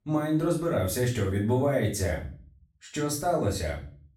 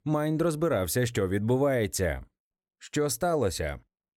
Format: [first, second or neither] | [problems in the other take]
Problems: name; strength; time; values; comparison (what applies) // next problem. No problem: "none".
second | room echo; slight; dies away in 0.4 s // off-mic speech; far